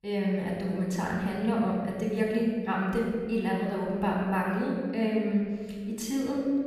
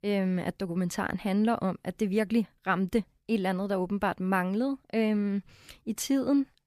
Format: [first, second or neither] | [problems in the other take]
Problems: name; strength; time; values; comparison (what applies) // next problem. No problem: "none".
second | off-mic speech; far // room echo; noticeable; dies away in 1.6 s